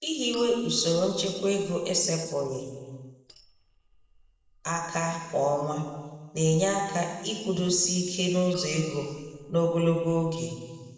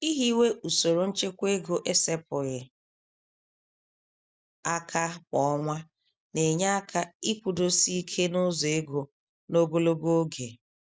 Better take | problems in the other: second | noise reduction (neural separator model SepFormer DNS4)

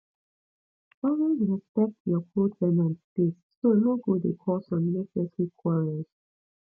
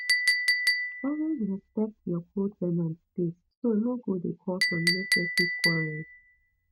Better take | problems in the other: first | background sound (Chink, clink); 1 dB above the speech

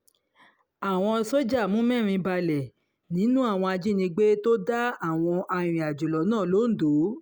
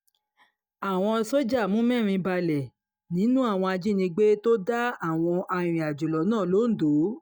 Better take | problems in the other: first | noise reduction (neural mask model DeepFilterNet 3)

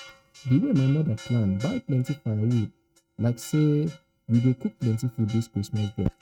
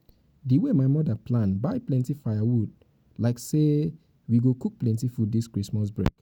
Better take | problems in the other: second | noise reduction (neural mask model RNNoise)

